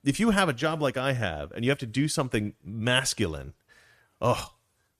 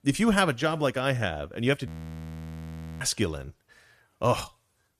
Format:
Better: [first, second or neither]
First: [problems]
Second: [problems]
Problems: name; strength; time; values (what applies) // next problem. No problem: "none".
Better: first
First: none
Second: audio freezing; at 2 s for 1 s